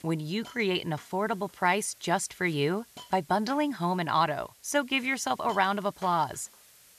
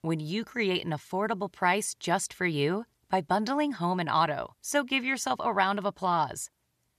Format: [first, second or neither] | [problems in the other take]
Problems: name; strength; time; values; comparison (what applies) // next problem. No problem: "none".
second | hiss; faint; throughout; 25 dB below the speech